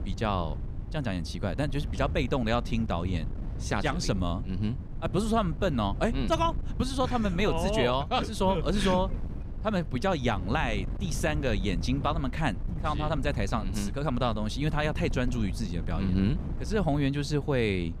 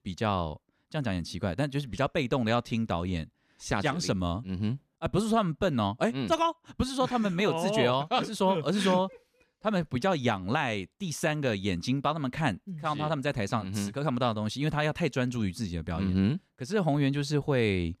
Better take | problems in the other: second | wind noise on the microphone; occasional gusts; 15 dB below the speech

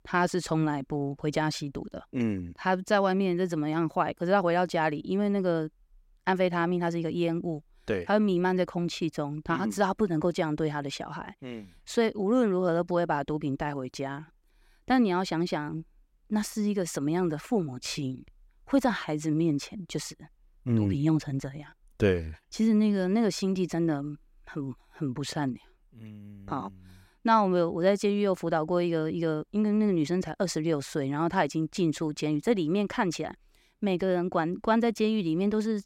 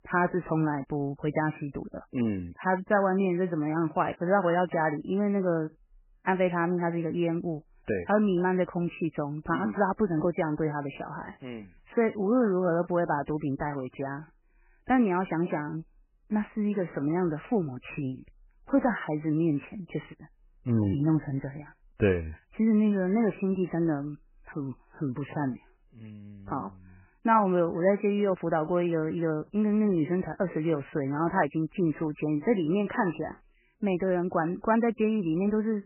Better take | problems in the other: first | garbled, watery; badly; nothing above 3 kHz

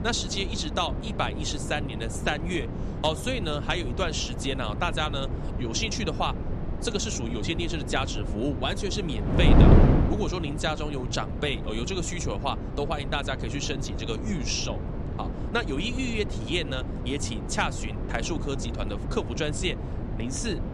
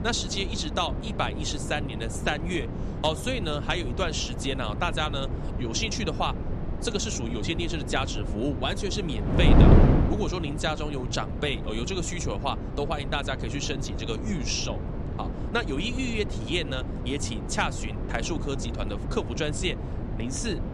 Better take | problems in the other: neither | wind noise on the microphone; heavy; 6 dB below the speech; the same in both

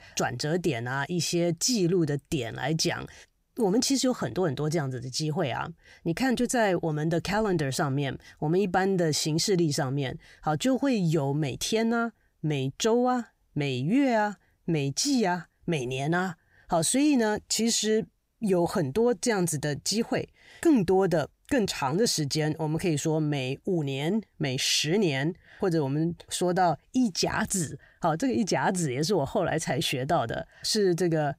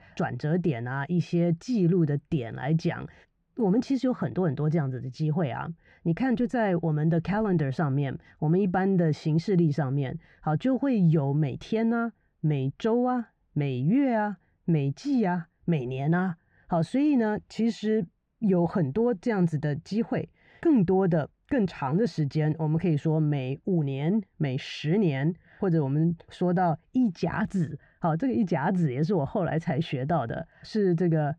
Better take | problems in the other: first | muffled; very; fading above 2 kHz

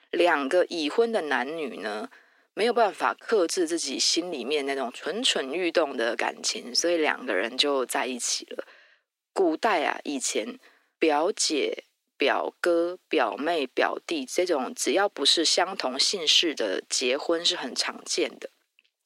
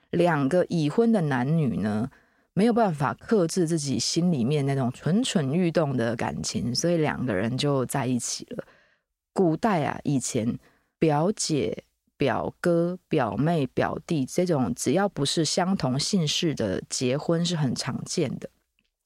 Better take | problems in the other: second | thin; somewhat; fading below 300 Hz

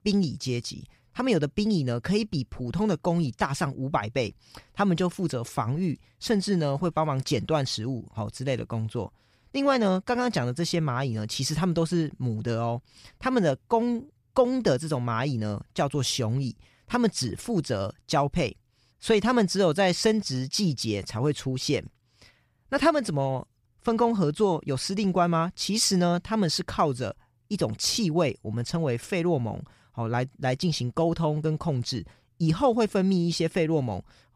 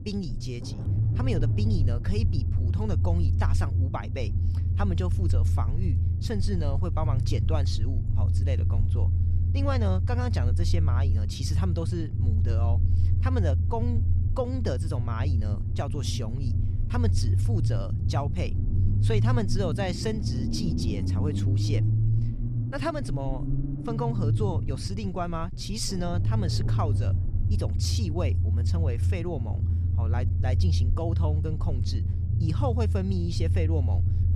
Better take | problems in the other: first | low rumble; loud; throughout; 5 dB below the speech

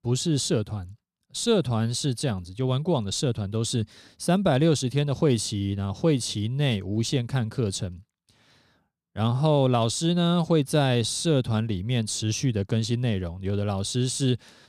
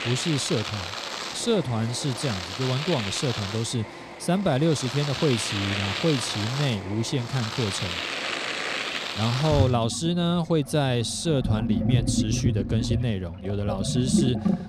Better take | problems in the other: first | household noises; loud; throughout; 3 dB below the speech

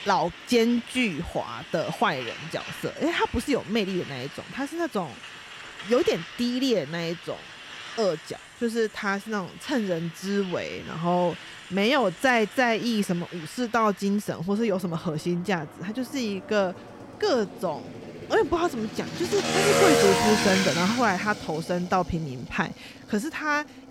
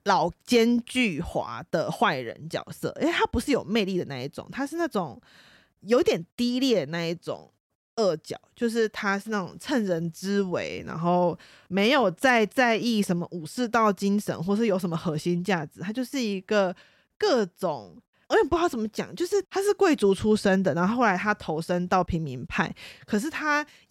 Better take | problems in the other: second | traffic noise; loud; throughout; 5 dB below the speech

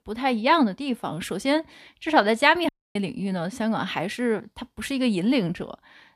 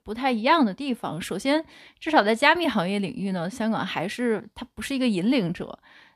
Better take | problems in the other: second | audio cutting out; at 2.5 s

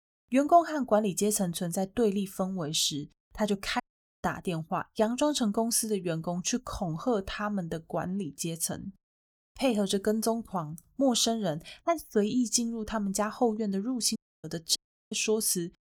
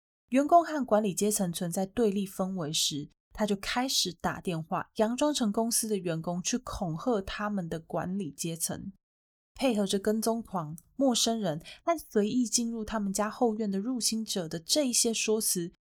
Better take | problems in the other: second | audio cutting out; at 4 s, at 14 s and at 15 s

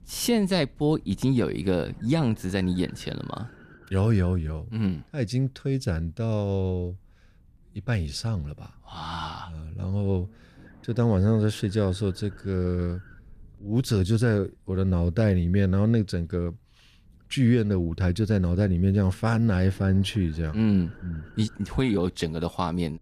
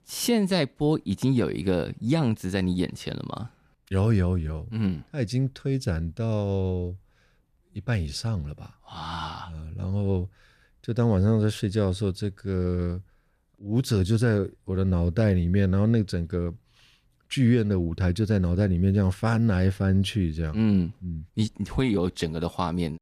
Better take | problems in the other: second | low rumble; faint; throughout; 20 dB below the speech

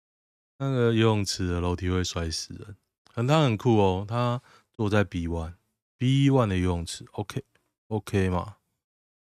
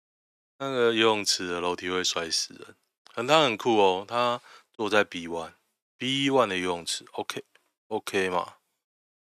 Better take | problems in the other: first | thin; somewhat; fading below 400 Hz

